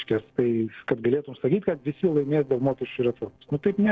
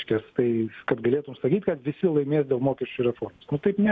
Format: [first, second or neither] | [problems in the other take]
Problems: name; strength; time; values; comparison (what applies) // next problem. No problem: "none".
second | noise reduction (neural separator model SepFormer DNS4)